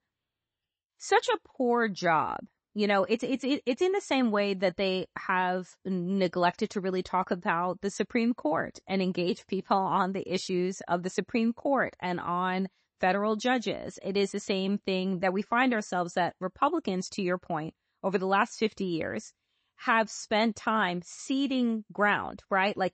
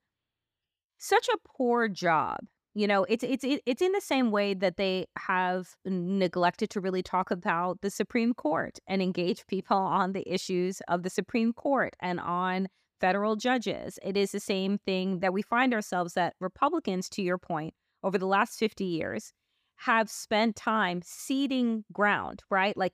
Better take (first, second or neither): second